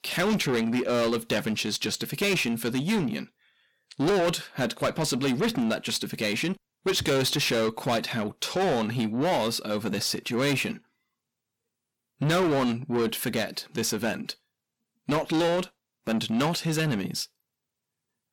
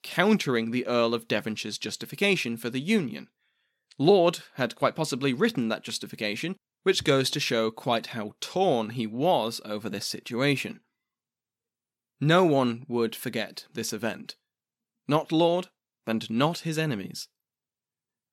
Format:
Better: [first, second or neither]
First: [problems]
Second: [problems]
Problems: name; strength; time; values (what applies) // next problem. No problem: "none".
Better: second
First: distortion; heavy; 6 dB below the speech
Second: none